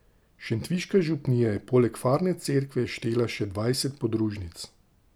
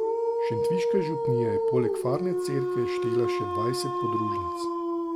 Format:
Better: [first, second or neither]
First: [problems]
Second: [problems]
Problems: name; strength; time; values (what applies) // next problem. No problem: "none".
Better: first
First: none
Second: background sound (Dog); 4 dB above the speech